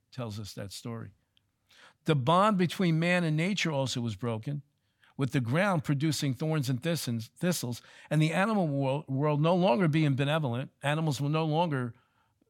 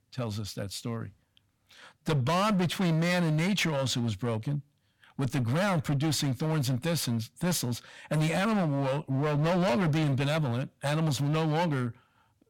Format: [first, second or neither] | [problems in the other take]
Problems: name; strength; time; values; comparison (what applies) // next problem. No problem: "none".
first | distortion; heavy; 19% of the sound clipped